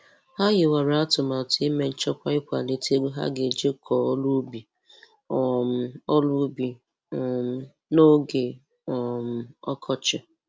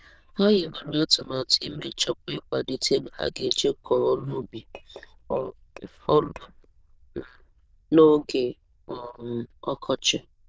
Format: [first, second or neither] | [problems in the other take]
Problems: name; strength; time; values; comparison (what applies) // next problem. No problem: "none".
first | noise reduction (neural diffusion model UNIVERSE++)